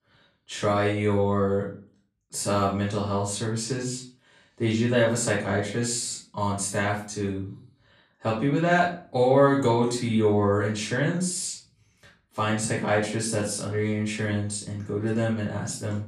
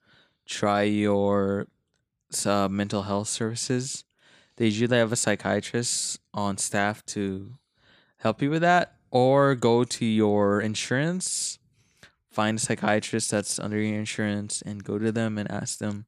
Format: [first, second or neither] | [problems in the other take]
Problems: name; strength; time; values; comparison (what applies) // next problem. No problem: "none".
second | off-mic speech; far // room echo; slight; dies away in 0.3 s